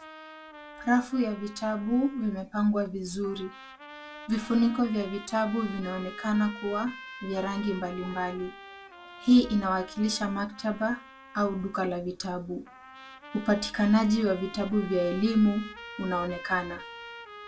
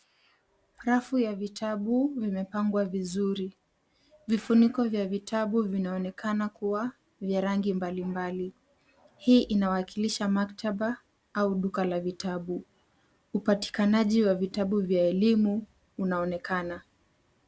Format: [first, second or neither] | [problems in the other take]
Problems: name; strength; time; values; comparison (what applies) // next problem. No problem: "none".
second | background sound (Trumpet); 17 dB below the speech // room echo; dies away in 0.2 s